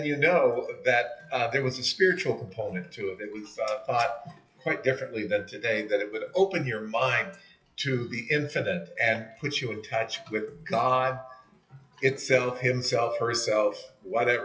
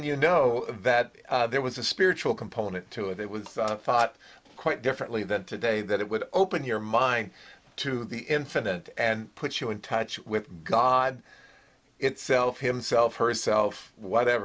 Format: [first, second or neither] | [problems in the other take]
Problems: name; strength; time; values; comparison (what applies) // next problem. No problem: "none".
second | noise reduction (classical method WPE with log-MMSE)